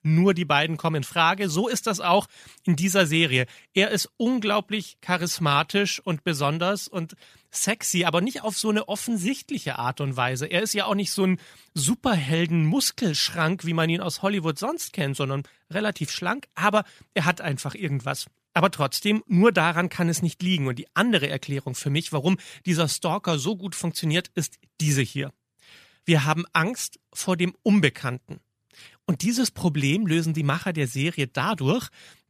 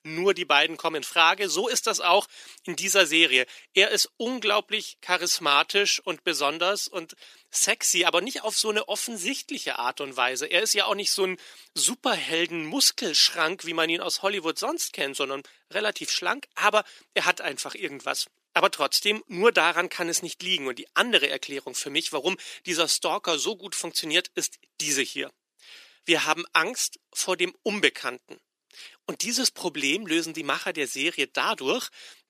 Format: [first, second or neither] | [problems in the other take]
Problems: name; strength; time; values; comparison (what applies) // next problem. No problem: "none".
first | thin; somewhat; fading below 350 Hz